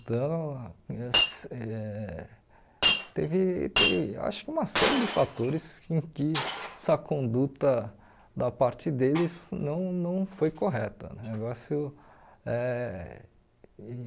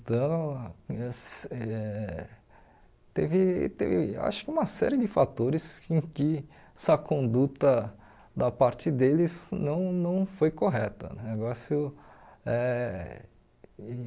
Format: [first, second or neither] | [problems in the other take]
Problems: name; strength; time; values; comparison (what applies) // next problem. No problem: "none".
second | background sound (Shatter); 5 dB below the speech